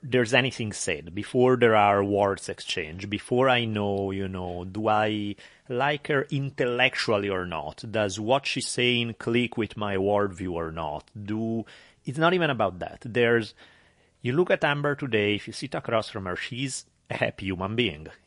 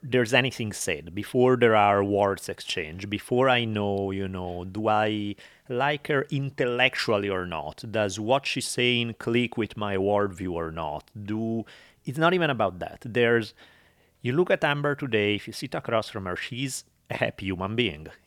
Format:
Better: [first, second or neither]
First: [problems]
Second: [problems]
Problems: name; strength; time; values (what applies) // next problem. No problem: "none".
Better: second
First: garbled, watery; slightly; nothing above 10.5 kHz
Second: none